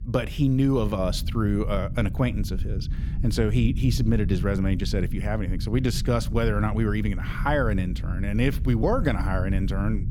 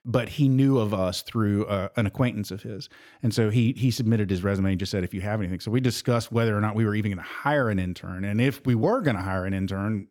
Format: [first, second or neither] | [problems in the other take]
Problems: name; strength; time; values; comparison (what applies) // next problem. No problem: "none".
second | low rumble; noticeable; throughout; 15 dB below the speech